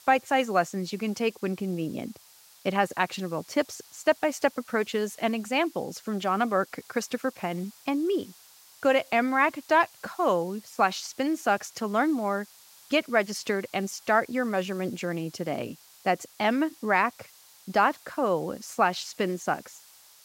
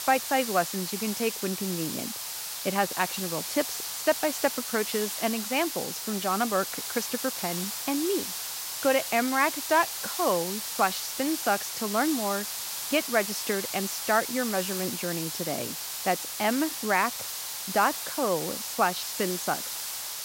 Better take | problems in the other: first | hiss; loud; throughout; 3 dB below the speech; faint in the first

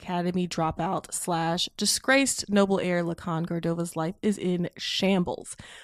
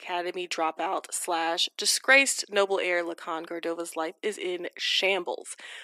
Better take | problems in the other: first | thin; very; fading below 300 Hz

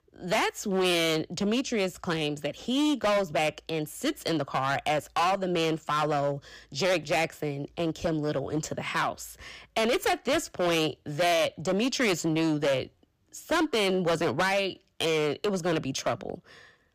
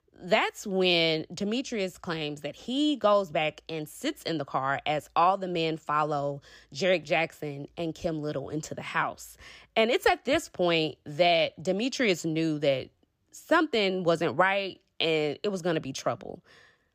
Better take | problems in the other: second | distortion; heavy; 14% of the sound clipped

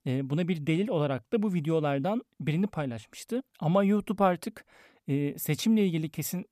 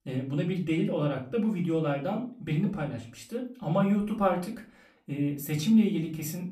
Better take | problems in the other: first | off-mic speech; far // room echo; very slight; dies away in 0.3 s

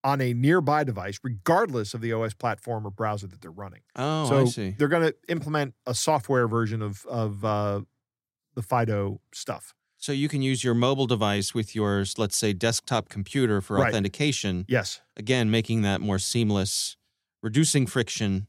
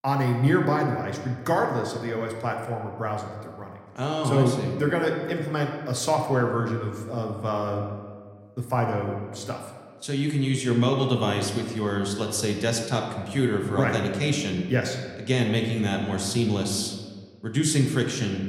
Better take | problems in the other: first | room echo; slight; dies away in 1.3 s

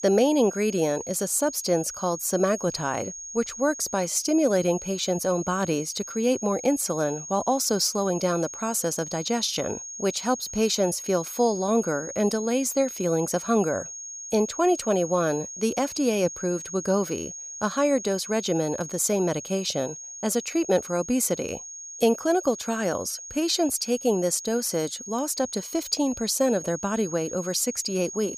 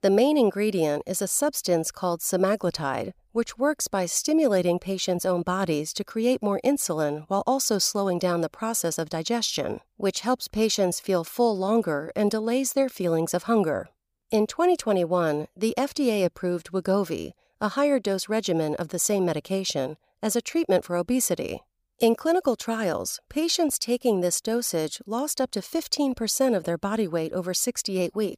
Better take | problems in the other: second | high-pitched whine; noticeable; throughout; 6.5 kHz, 10 dB below the speech

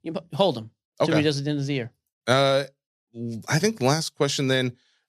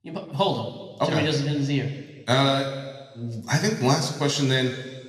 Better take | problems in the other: first | room echo; slight; dies away in 1.5 s

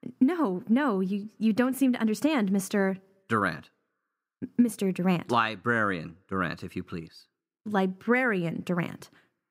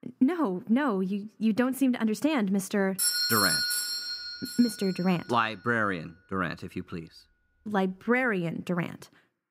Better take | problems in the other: first | doorbell; loud; from 3 to 5 s; peak 4 dB above the speech

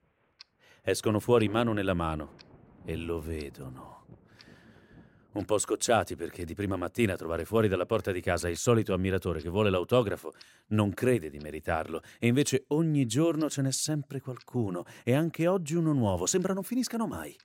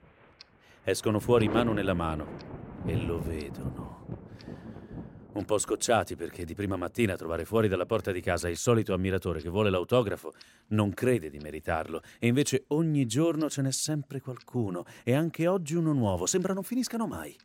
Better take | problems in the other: first | rain or running water; loud; throughout; 10 dB below the speech; faint in the first

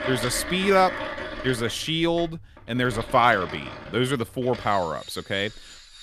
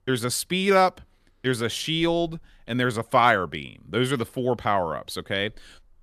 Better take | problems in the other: second | machinery noise; noticeable; throughout; 10 dB below the speech

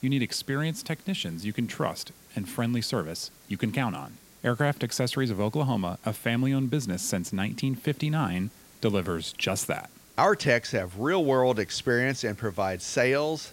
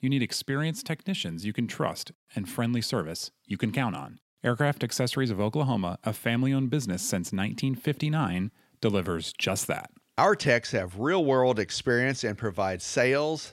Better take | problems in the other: second | hiss; faint; throughout; 25 dB below the speech

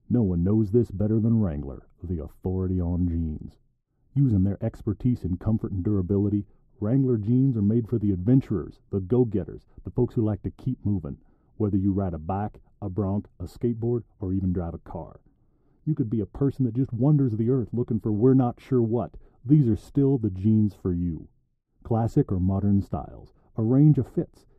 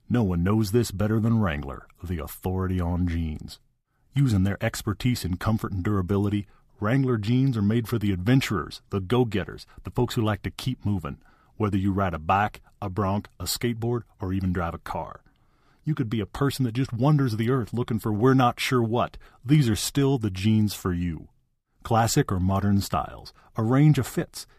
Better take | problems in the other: second | muffled; very; fading above 1 kHz

